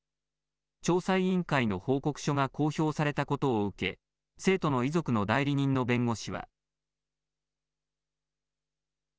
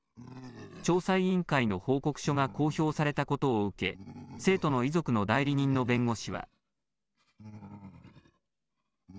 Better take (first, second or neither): first